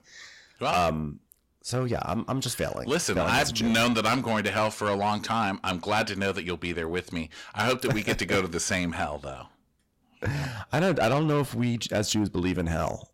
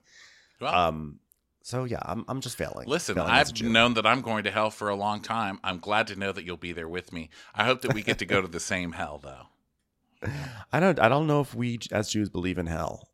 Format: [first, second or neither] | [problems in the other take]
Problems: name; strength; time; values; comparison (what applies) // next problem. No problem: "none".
second | distortion; heavy; 6 dB below the speech